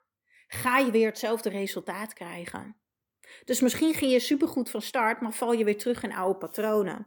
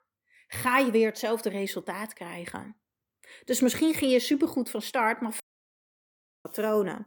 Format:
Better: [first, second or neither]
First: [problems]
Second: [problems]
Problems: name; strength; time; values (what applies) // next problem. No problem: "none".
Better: first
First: none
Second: audio cutting out; at 5.5 s for 1 s